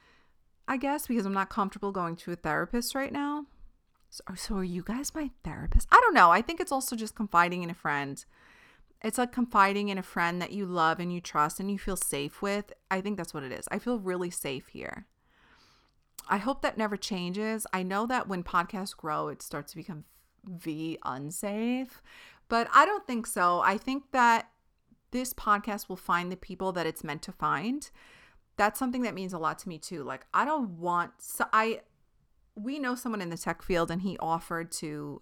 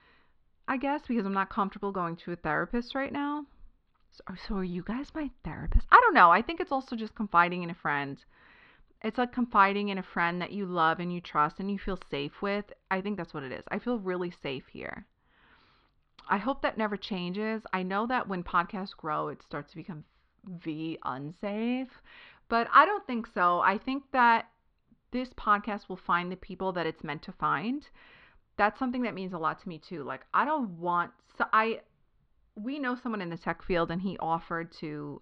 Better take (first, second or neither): first